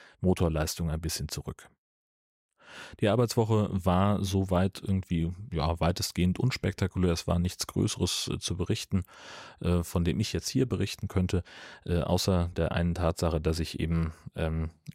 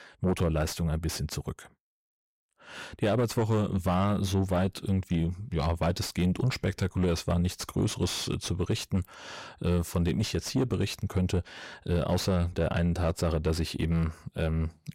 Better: first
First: none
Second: distortion; slight; 10 dB below the speech

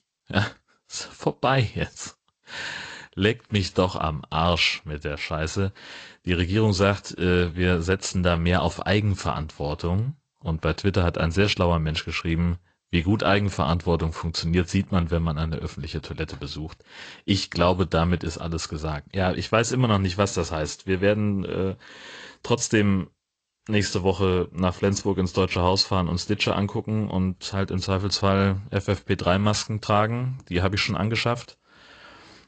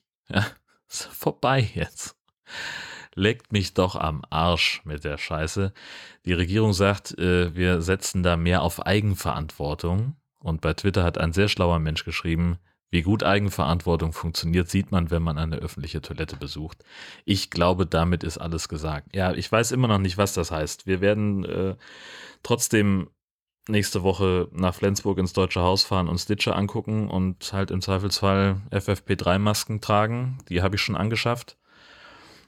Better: second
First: garbled, watery; slightly; nothing above 8 kHz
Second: none

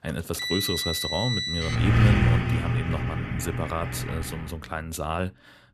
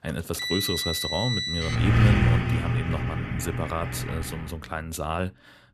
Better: neither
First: traffic noise; very loud; until 4.5 s; 4 dB above the speech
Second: traffic noise; very loud; until 4.5 s; 4 dB above the speech

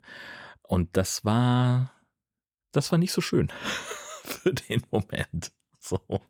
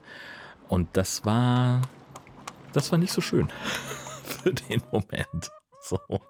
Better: first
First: none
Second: animal sounds; noticeable; throughout; 20 dB below the speech

